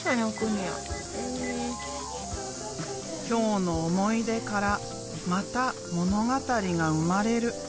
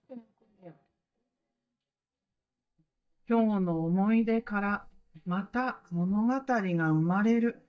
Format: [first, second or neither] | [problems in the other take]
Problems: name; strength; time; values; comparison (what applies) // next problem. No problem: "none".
first | noise reduction (neural mask model DeepFilterNet 3)